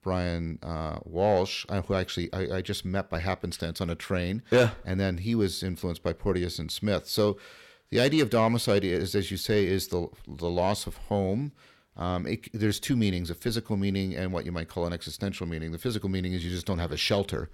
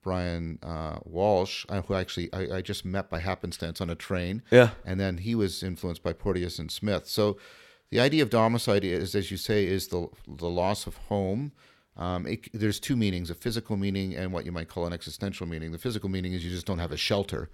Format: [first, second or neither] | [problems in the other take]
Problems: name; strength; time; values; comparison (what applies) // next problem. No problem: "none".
second | distortion; slight; 10 dB below the speech